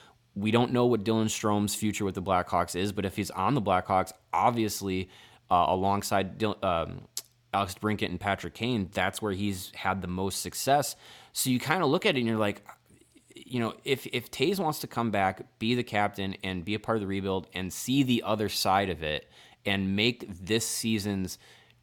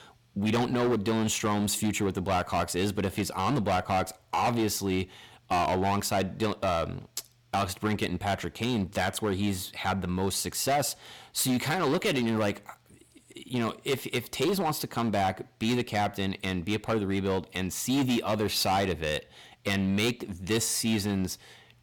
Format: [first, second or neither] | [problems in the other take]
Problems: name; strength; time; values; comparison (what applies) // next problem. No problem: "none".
first | distortion; heavy; 12% of the sound clipped